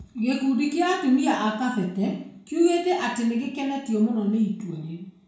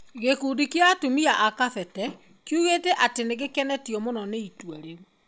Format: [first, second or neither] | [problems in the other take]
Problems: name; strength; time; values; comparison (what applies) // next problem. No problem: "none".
second | room echo; dies away in 0.6 s